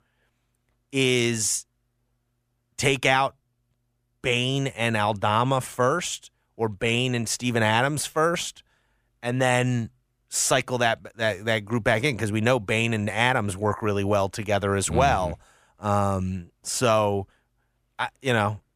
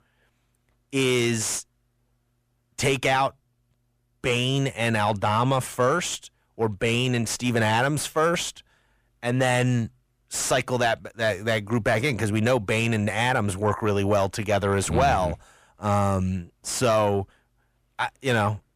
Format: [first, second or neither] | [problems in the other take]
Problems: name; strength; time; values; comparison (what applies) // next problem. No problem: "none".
first | distortion; slight; 10 dB below the speech